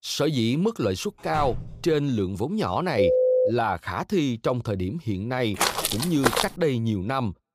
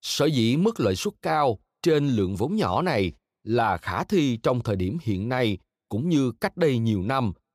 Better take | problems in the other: second | door banging; noticeable; at 1.5 s; peak 9 dB below the speech // phone ringing; loud; at 3 s; peak 6 dB above the speech // footsteps; loud; at 5.5 s; peak 3 dB above the speech

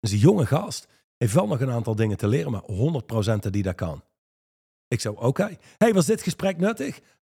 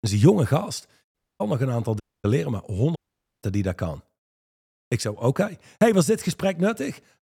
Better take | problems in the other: first | audio cutting out; at 1 s, at 2 s and at 3 s

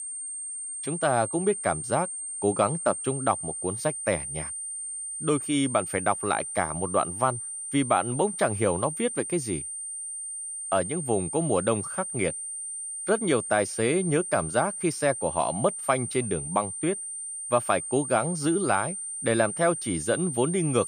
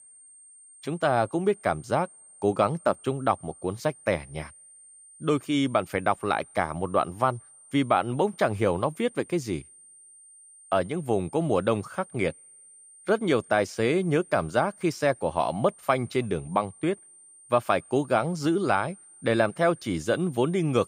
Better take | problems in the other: second | high-pitched whine; loud; throughout; 9 kHz, 5 dB below the speech; faint in the second

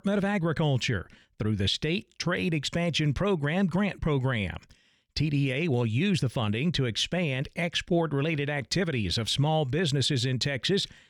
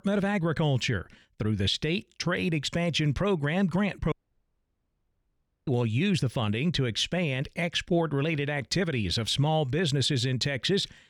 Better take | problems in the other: first | audio cutting out; at 4 s for 1.5 s

